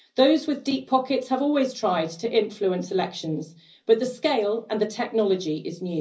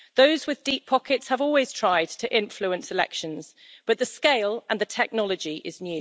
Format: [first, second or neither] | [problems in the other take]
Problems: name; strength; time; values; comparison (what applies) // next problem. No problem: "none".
second | room echo; dies away in 0.5 s